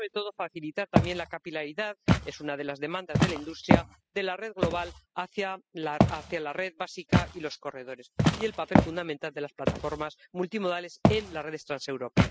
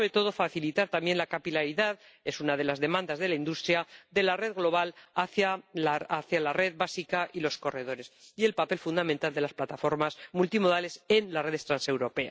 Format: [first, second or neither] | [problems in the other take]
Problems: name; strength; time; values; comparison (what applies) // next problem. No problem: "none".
second | noise reduction (classical method spectral subtraction)